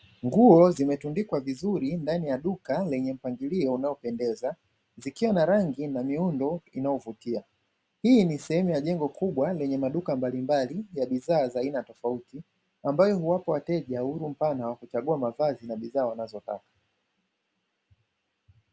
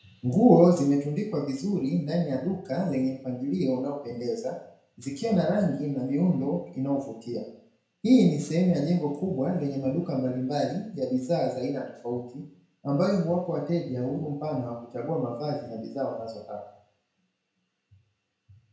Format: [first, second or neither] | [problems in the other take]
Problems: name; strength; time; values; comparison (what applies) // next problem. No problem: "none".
first | room echo; dies away in 0.5 s